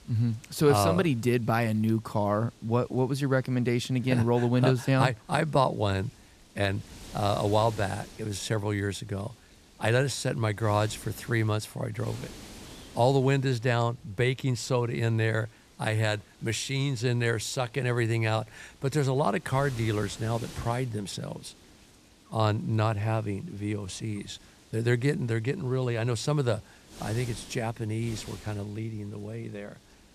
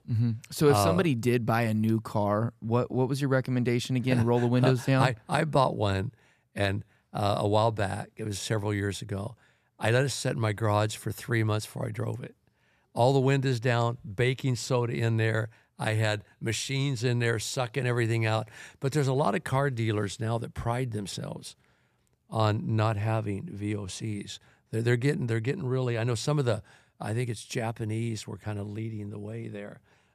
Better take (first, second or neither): second